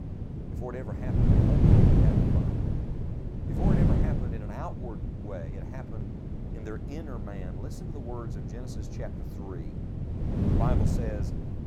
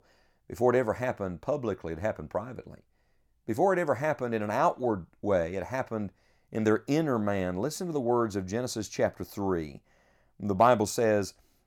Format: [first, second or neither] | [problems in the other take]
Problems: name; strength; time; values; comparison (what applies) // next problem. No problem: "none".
second | wind noise on the microphone; heavy; 4 dB above the speech